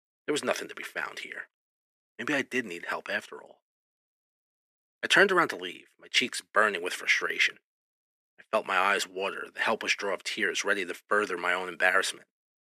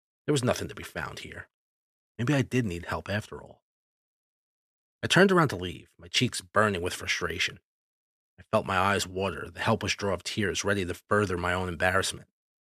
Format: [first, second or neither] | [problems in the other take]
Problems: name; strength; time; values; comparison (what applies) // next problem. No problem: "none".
second | thin; somewhat; fading below 300 Hz